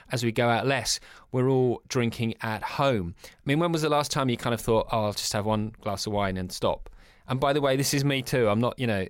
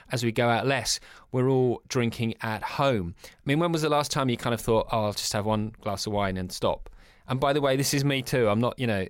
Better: neither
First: none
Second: none

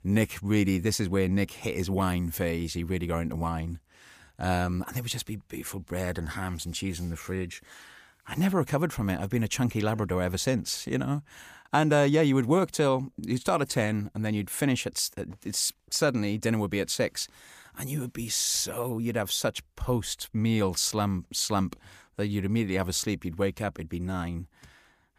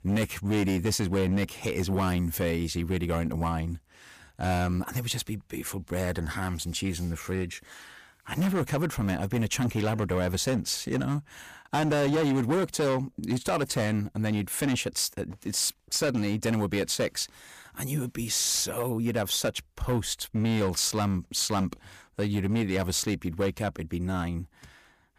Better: first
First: none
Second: distortion; slight; 10% of the sound clipped

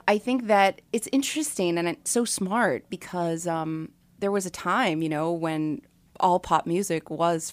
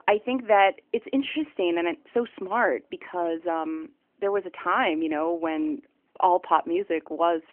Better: first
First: none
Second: phone-call audio; nothing above 3 kHz

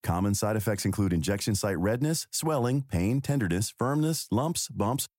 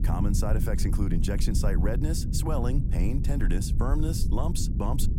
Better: first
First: none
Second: low rumble; loud; throughout; 7 dB below the speech

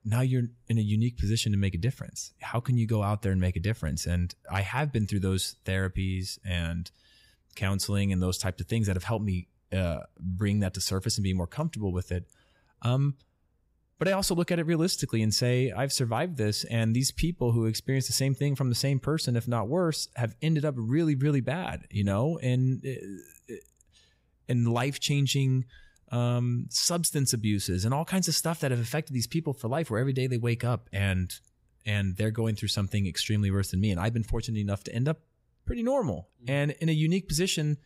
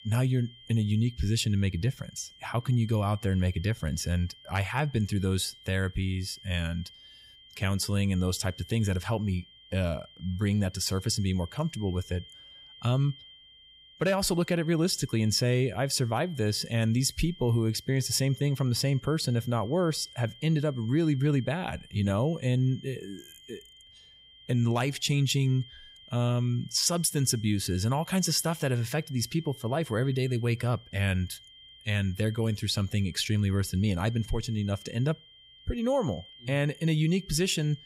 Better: first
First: none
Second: high-pitched whine; faint; throughout; 3 kHz, 20 dB below the speech

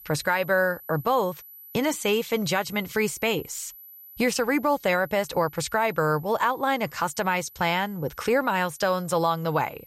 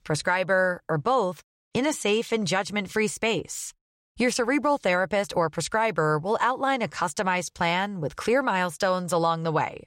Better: second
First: high-pitched whine; noticeable; throughout; 12 kHz, 20 dB below the speech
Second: none

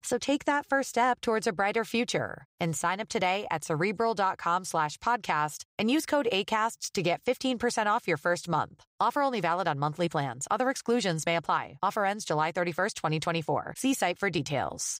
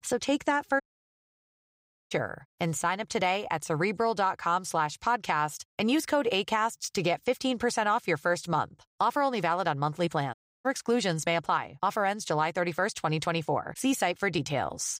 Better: first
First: none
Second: audio cutting out; at 1 s for 1.5 s and at 10 s

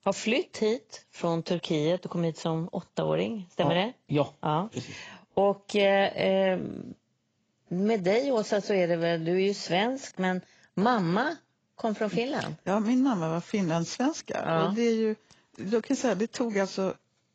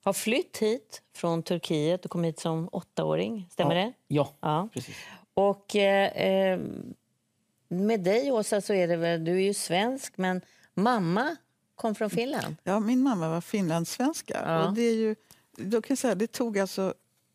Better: second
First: garbled, watery; badly; nothing above 7.5 kHz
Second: none

